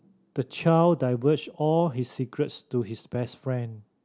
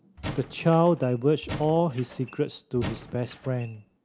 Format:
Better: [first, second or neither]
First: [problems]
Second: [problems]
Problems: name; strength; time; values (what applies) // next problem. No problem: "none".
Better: first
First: none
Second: background sound (Squeak / Wood); 14 dB below the speech